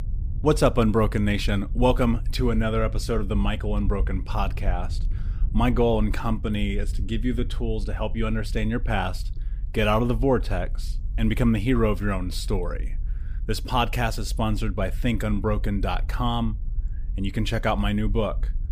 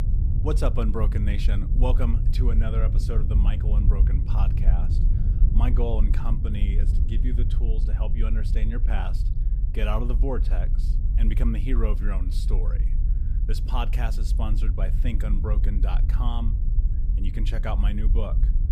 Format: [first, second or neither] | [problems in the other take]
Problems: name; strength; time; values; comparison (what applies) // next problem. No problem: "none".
first | low rumble; loud; throughout; 7 dB below the speech; faint in the first